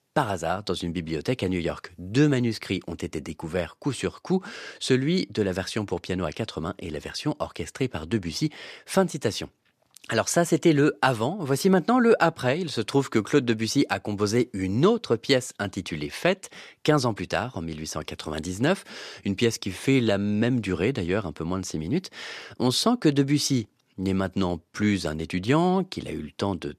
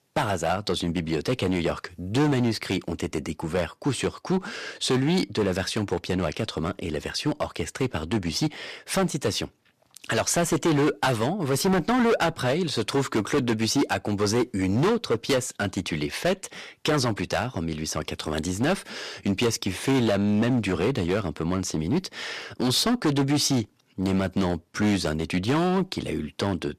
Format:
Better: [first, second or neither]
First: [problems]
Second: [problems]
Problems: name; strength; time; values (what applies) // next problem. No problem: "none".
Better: first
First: none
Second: distortion; heavy; 10% of the sound clipped